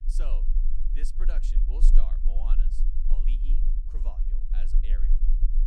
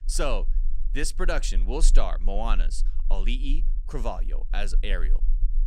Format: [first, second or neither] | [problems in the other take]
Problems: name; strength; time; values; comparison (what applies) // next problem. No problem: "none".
second | low rumble; loud; throughout; 5 dB below the speech; faint in the second